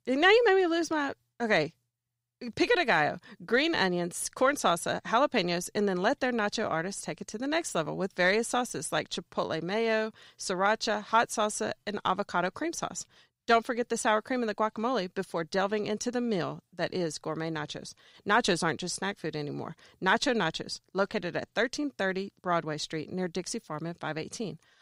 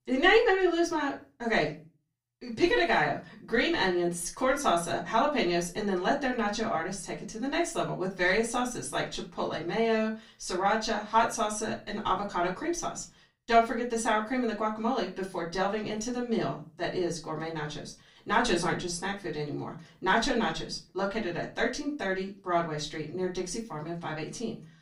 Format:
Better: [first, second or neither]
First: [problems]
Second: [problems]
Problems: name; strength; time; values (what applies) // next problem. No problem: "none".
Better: first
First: none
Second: off-mic speech; far // room echo; very slight; dies away in 0.3 s